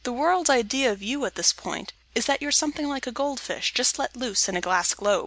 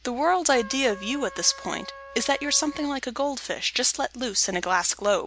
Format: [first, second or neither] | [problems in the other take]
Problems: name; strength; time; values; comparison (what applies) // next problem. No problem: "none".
first | background sound (Trumpet); 17 dB below the speech